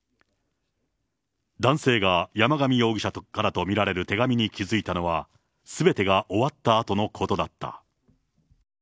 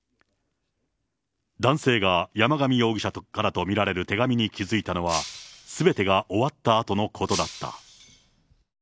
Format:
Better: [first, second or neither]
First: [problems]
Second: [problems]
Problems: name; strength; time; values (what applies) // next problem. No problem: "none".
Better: first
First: none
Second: background sound (Shatter); 13 dB below the speech